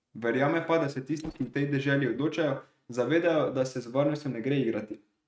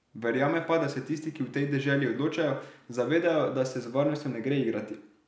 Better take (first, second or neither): second